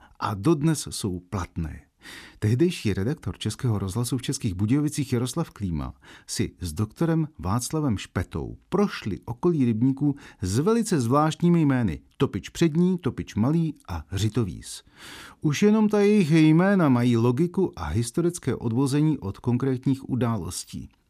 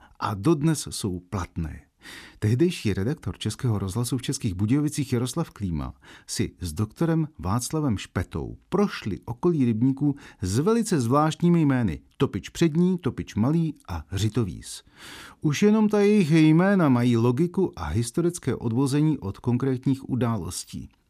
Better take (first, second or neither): neither